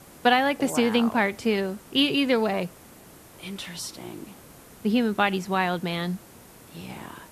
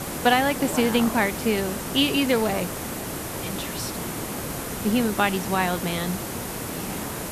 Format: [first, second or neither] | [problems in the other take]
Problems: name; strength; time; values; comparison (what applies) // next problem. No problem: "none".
first | hiss; loud; throughout; 6 dB below the speech; faint in the first